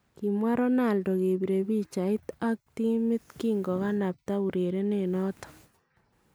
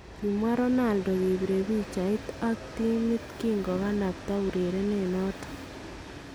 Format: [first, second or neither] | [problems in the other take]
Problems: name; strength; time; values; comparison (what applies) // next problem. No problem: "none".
first | background sound (Train); 12 dB below the speech